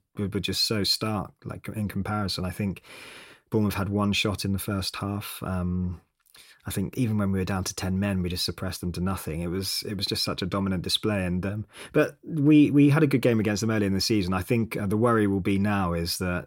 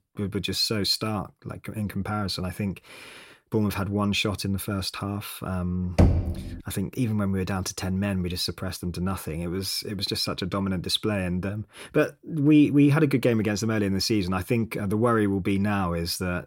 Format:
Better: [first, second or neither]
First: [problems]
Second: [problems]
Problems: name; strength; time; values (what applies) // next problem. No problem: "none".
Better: first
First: none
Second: door banging; loud; at 6 s; peak 4 dB above the speech